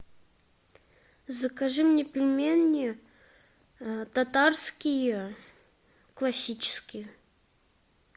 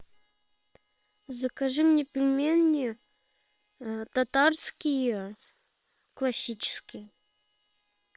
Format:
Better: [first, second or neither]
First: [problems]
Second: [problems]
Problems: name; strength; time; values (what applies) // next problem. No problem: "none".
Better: first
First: none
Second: noise reduction (neural separator model SepFormer WHAM!)